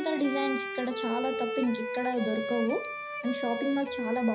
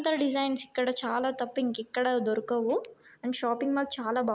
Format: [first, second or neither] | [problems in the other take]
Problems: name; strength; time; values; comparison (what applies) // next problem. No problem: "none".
second | background sound (Bowed string instrument); 4 dB below the speech // room echo; dies away in 0.5 s